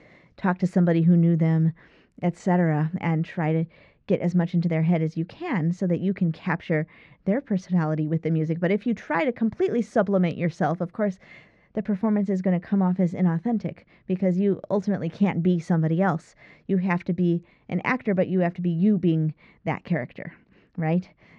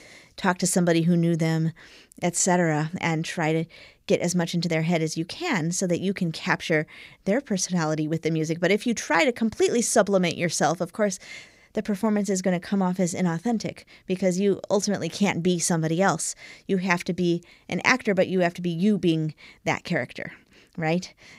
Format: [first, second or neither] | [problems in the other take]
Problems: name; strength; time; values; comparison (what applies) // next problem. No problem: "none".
second | muffled; very; fading above 2 kHz